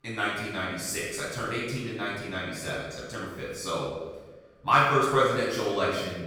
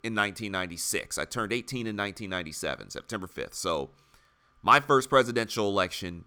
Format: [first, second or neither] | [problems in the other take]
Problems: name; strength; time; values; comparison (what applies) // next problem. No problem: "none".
second | room echo; strong; dies away in 1.1 s // off-mic speech; far